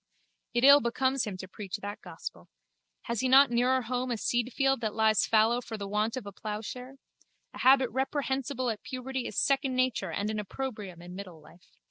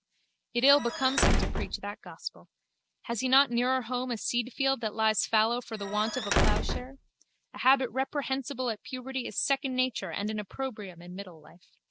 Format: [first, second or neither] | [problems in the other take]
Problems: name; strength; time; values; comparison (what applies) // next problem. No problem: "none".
first | background sound (Squeak / Slam / Wood); 2 dB above the speech